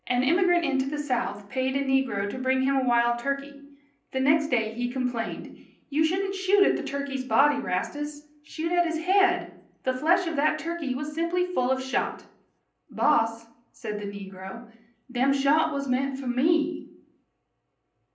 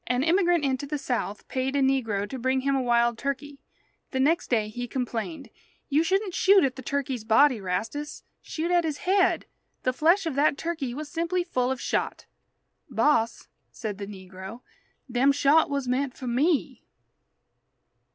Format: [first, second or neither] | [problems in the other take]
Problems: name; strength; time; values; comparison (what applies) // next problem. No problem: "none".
second | room echo; dies away in 0.6 s